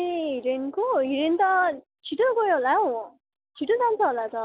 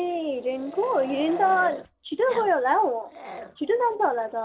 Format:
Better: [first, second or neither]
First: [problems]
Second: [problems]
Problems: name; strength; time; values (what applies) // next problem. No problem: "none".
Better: first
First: none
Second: background sound (Growling); 16 dB below the speech // room echo; dies away in 0.2 s